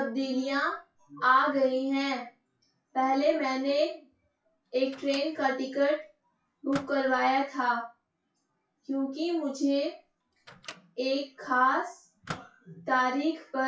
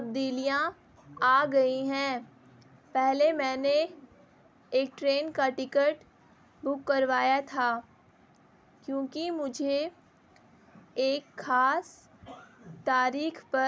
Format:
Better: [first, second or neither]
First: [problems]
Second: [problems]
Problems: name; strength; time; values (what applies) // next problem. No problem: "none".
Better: second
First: noise reduction (classical method WPE with log-MMSE)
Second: none